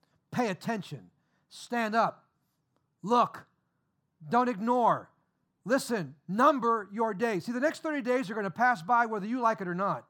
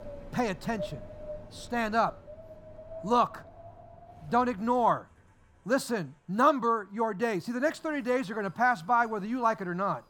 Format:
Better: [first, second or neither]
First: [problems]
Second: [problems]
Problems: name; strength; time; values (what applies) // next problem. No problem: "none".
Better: first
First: none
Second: wind in the background; noticeable; throughout; 15 dB below the speech